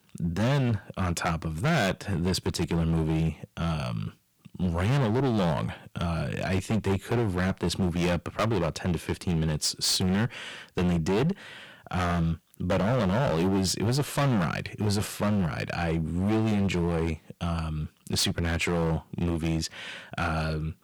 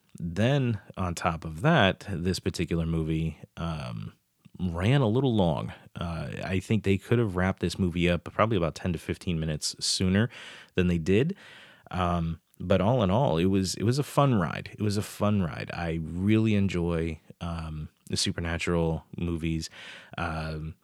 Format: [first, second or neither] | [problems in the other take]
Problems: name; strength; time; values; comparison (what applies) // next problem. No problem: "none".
second | distortion; heavy; 15% of the sound clipped